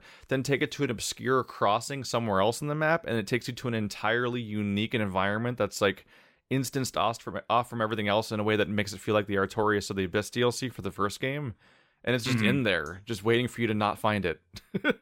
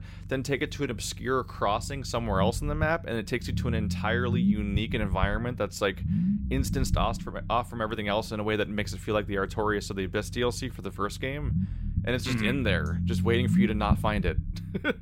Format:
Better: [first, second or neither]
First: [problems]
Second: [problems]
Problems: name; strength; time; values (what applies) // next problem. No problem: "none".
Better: first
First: none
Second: low rumble; noticeable; throughout; 10 dB below the speech